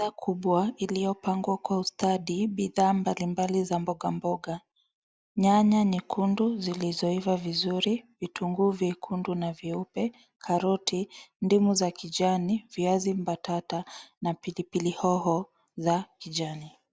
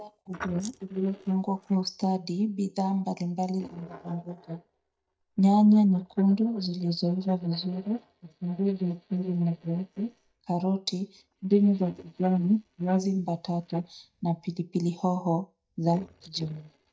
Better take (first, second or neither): first